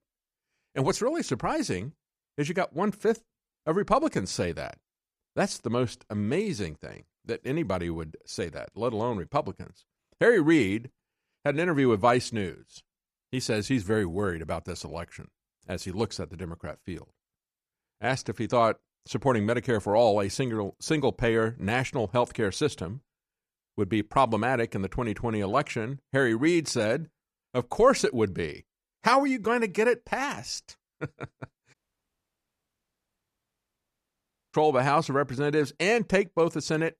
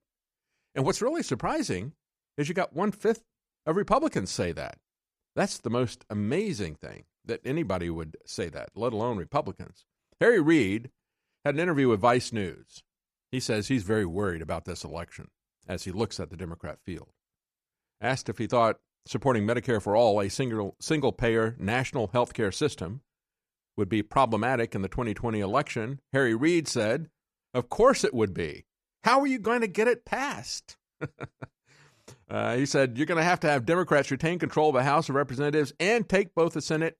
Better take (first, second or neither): second